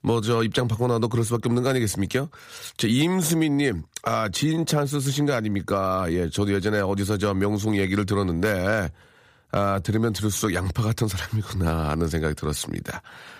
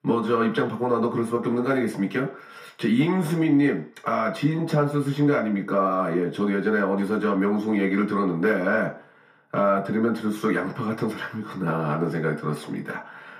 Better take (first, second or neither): first